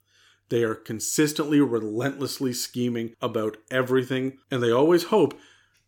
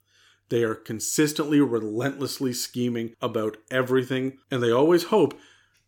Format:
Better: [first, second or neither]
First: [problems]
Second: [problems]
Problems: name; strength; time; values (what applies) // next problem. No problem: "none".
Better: neither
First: none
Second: none